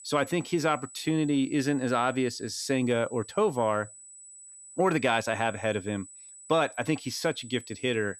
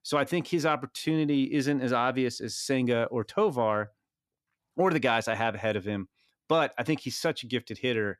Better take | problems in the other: second | high-pitched whine; noticeable; throughout; 8 kHz, 15 dB below the speech

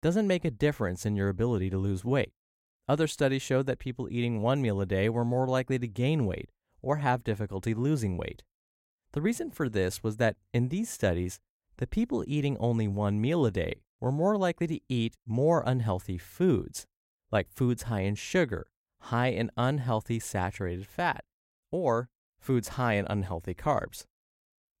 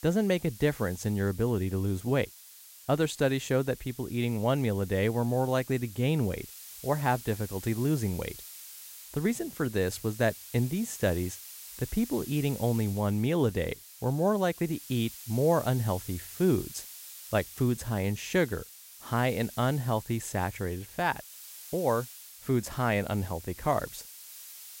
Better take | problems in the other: first | hiss; noticeable; throughout; 15 dB below the speech

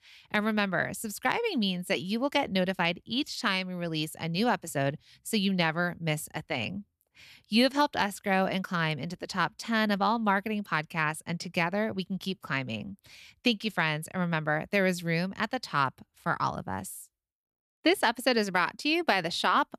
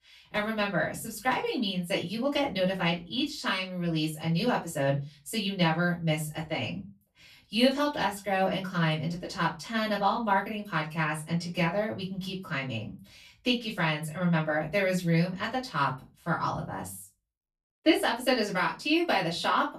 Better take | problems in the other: first | off-mic speech; far // room echo; very slight; dies away in 0.2 s

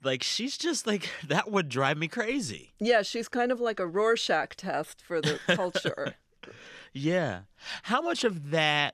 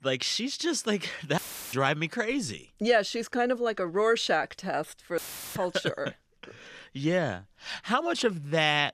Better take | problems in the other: first | audio cutting out; filled with static; at 1.5 s and at 5 s

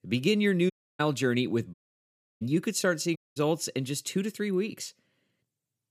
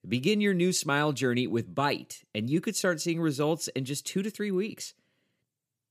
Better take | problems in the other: second | audio cutting out; at 0.5 s, at 1.5 s for 0.5 s and at 3 s

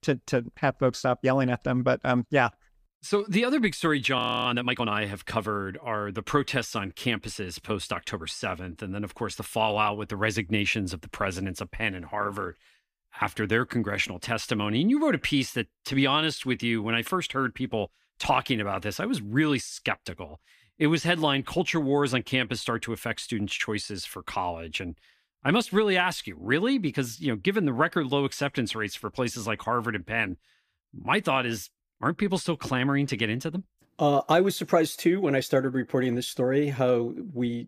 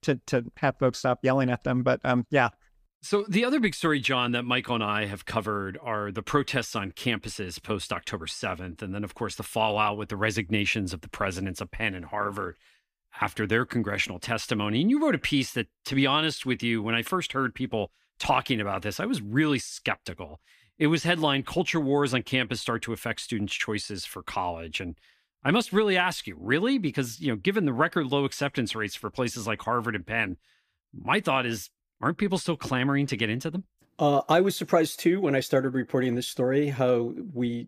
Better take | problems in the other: second | audio freezing; at 4 s

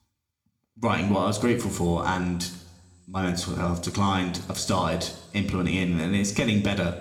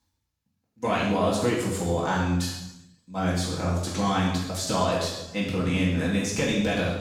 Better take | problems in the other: first | room echo; strong; dies away in 0.8 s; slight in the first // off-mic speech; far

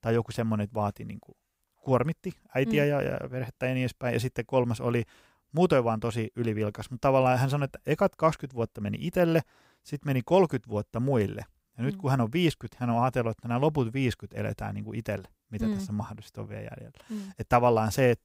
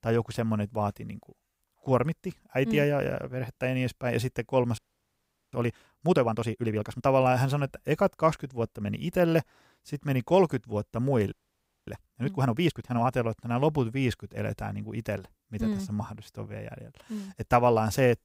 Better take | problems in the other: first | audio freezing; at 5 s for 1 s and at 11 s for 0.5 s

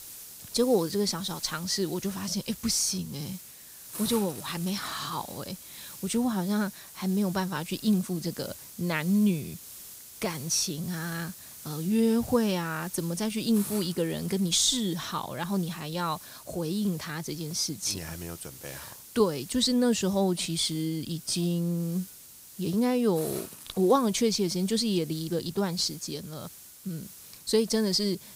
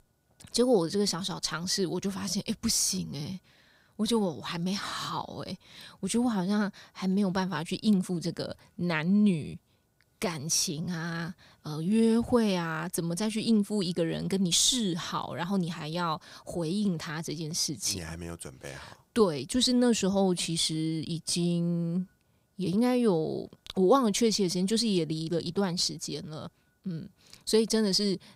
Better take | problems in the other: second | hiss; noticeable; throughout; 15 dB below the speech

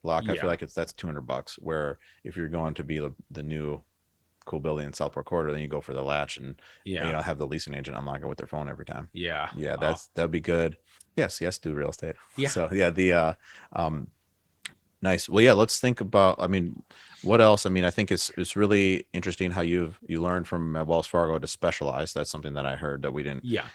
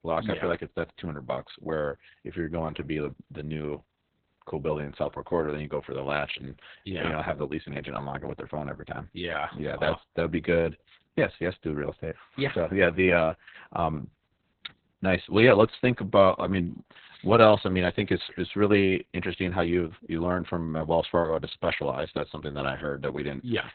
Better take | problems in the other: first | garbled, watery; badly; nothing above 4 kHz; slightly in the first

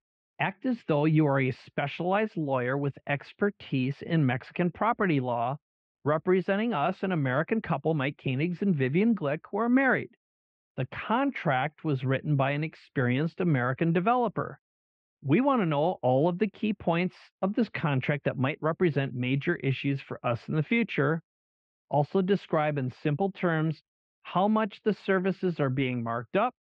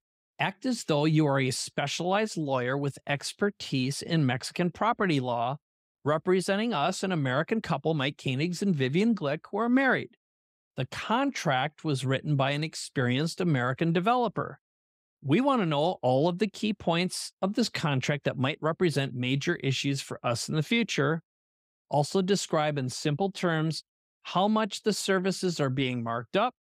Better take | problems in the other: second | muffled; very; fading above 2.5 kHz

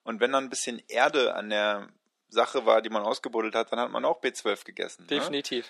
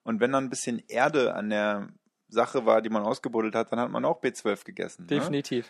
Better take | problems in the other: second | thin; very slightly; fading below 350 Hz

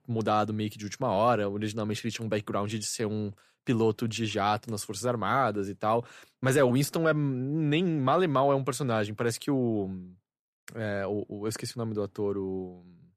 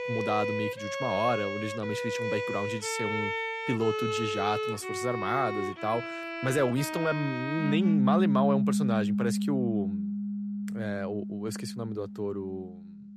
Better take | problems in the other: first | background music; very loud; throughout; 1 dB above the speech

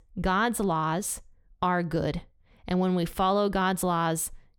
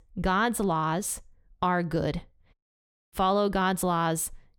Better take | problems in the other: first | audio cutting out; at 2.5 s for 0.5 s

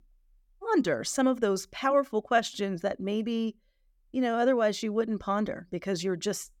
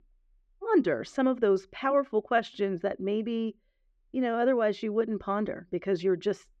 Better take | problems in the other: first | muffled; slightly; fading above 2.5 kHz

